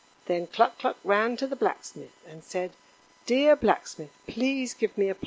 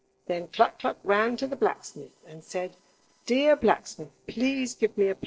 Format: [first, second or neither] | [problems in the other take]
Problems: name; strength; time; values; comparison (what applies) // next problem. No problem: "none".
first | noise reduction (neural separator model SepFormer DNS4)